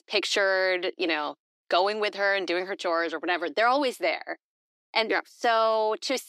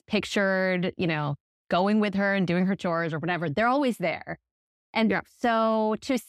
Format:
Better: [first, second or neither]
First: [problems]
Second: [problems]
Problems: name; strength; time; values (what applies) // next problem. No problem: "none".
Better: second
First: thin; very; fading below 300 Hz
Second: none